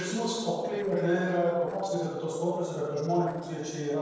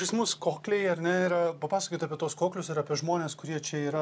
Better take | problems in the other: second | noise reduction (neural separator model SepFormer DNS4)

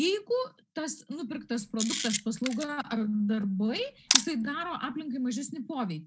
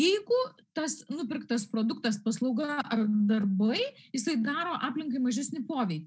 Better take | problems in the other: second | background sound (Camera); 3 dB below the speech

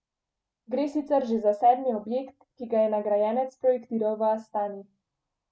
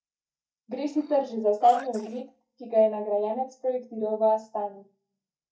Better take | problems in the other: first | noise reduction (neural mask model DeepFilterNet 3)

